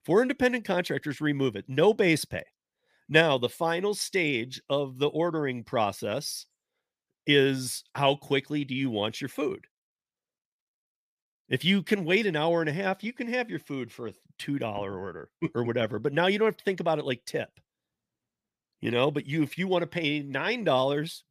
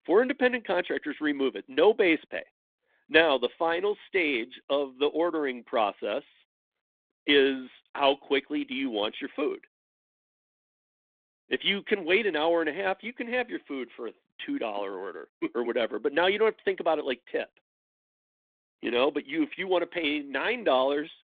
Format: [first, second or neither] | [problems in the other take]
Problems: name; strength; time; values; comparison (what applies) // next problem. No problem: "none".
first | phone-call audio; nothing above 3.5 kHz